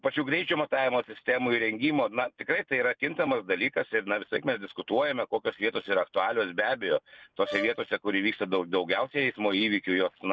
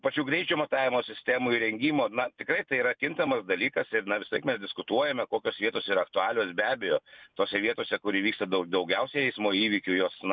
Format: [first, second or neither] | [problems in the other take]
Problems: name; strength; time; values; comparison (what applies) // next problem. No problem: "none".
second | noise reduction (neural separator model SepFormer DNS4)